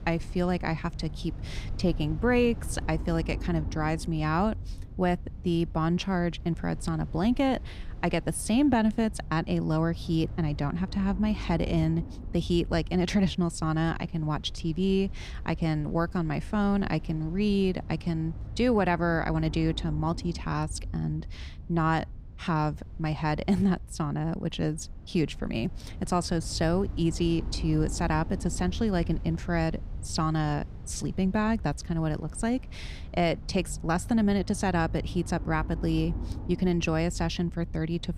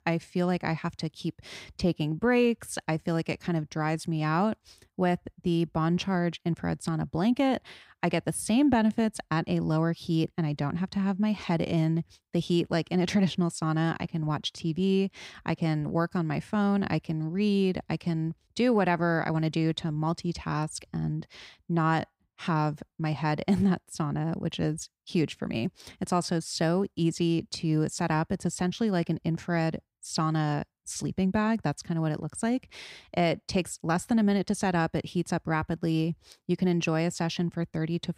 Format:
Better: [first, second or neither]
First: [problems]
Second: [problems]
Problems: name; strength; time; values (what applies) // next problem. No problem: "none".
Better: second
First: low rumble; faint; throughout; 20 dB below the speech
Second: none